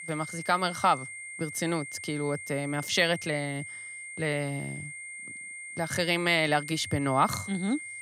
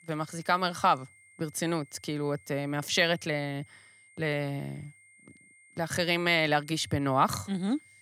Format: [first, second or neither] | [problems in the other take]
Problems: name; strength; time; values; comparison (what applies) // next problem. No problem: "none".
second | high-pitched whine; loud; throughout; 2 kHz, 10 dB below the speech; faint in the second